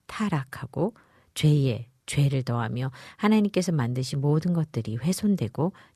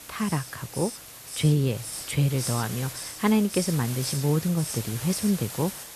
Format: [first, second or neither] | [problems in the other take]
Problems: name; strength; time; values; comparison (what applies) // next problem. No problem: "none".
first | hiss; loud; throughout; 8 dB below the speech